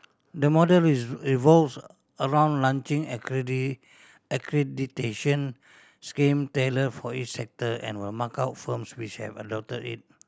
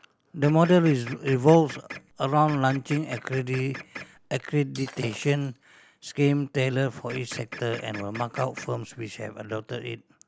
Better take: first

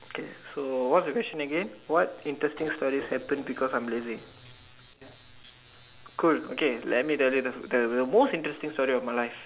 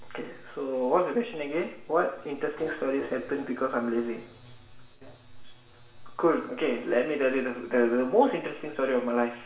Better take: first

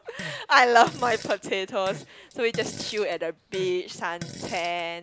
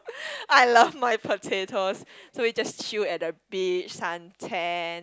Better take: second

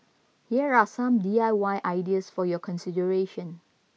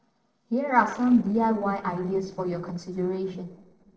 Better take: first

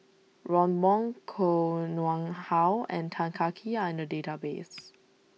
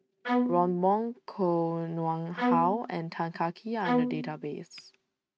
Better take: first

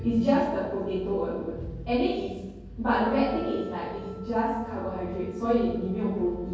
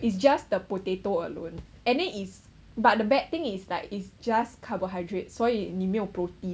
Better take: second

